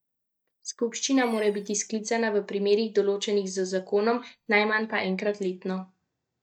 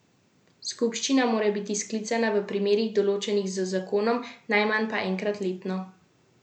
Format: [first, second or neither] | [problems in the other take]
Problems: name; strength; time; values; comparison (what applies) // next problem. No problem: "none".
second | noise reduction (neural mask model DeepFilterNet 3)